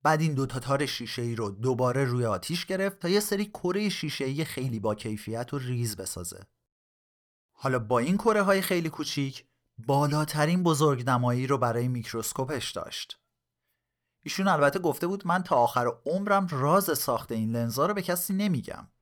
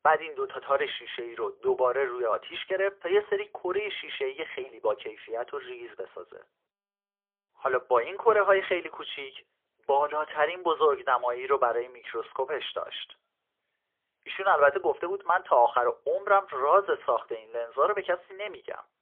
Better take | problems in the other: first | phone-call audio; poor line; nothing above 3.5 kHz

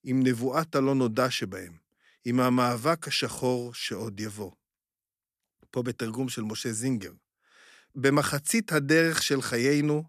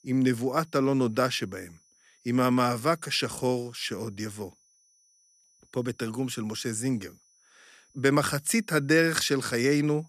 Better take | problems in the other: first | high-pitched whine; faint; throughout; 6 kHz, 35 dB below the speech

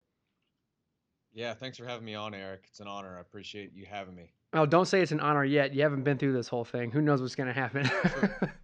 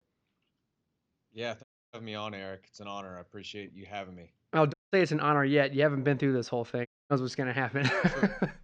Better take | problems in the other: first | audio cutting out; at 1.5 s, at 4.5 s and at 7 s

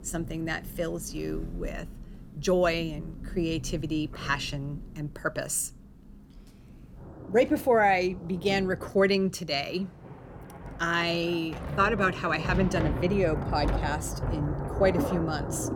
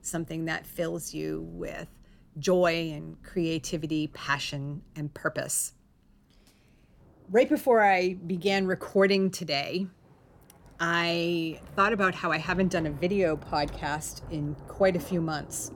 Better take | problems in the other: second | rain or running water; loud; throughout; 8 dB below the speech; faint in the second

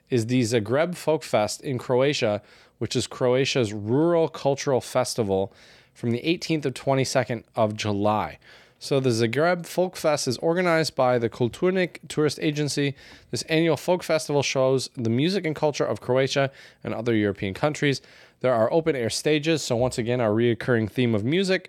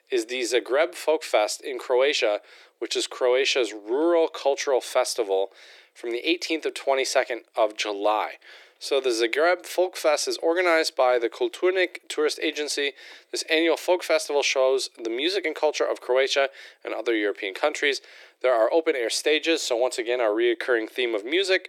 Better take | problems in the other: first | thin; very; fading below 350 Hz

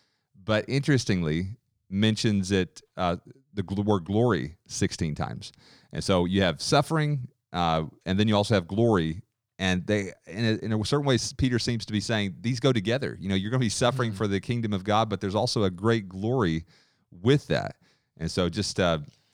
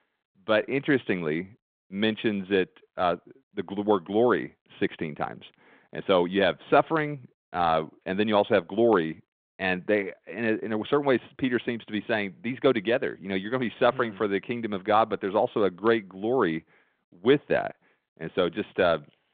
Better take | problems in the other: first | phone-call audio; nothing above 3.5 kHz

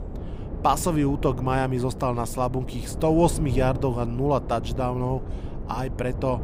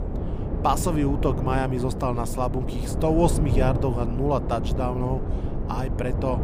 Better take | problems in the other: first | wind noise on the microphone; heavy; 8 dB below the speech; occasional gusts in the first

